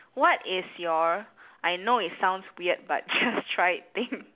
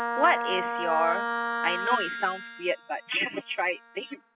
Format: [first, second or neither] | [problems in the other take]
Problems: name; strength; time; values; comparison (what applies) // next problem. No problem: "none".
first | noise reduction (classical method spectral subtraction)